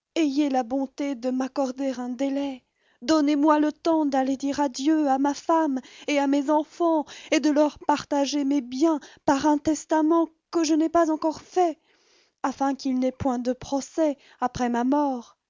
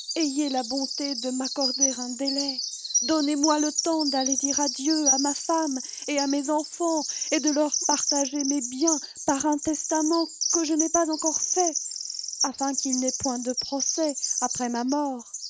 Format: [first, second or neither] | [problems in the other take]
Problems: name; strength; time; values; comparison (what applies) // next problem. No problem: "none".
first | noise reduction (neural mask model RNNoise)